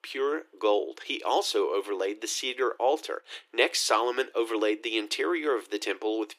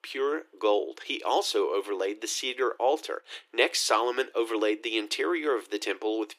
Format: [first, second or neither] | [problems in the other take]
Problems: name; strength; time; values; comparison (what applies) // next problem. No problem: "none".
neither | thin; very; fading below 300 Hz; the same in both